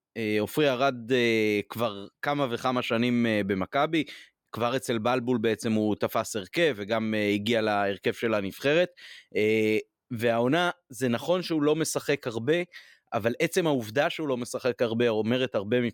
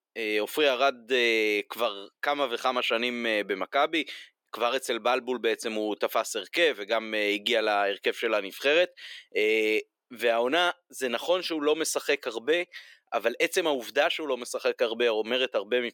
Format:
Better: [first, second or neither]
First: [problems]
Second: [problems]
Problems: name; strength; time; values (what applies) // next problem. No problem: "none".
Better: first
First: none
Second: thin; somewhat; fading below 350 Hz